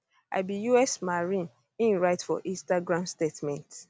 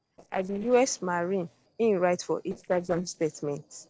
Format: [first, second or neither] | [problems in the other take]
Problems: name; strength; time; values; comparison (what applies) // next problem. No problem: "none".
first | noise reduction (neural separator model SepFormer DNS4)